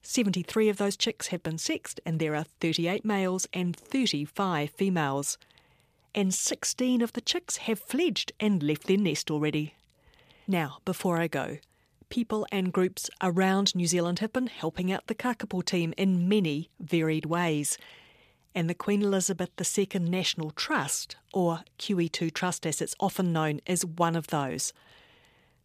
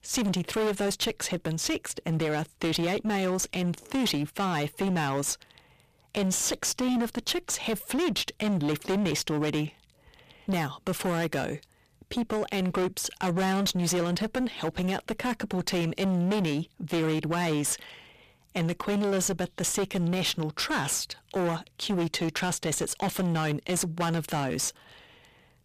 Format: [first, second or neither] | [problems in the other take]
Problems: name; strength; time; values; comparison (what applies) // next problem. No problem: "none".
first | distortion; heavy; 22% of the sound clipped